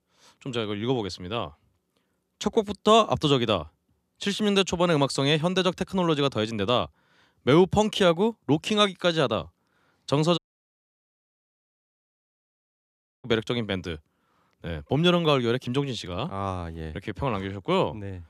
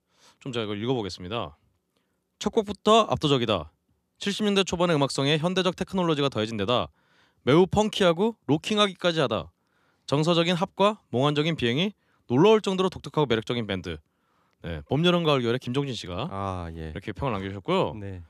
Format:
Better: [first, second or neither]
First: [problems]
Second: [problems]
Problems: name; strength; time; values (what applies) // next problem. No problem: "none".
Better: second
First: audio cutting out; at 10 s for 3 s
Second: none